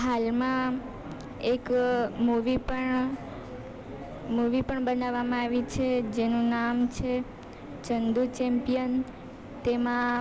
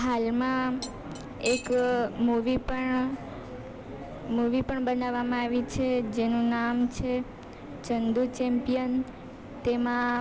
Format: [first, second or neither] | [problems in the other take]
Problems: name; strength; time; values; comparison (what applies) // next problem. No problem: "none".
first | background sound (Cutlery, silverware); 13 dB below the speech